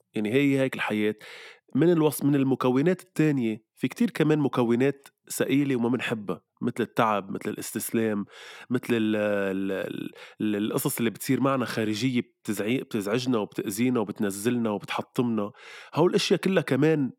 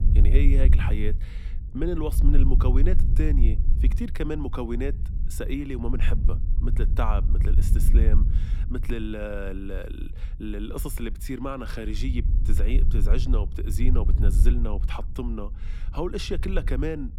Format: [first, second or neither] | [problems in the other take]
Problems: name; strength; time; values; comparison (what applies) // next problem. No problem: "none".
first | wind noise on the microphone; heavy; 9 dB below the speech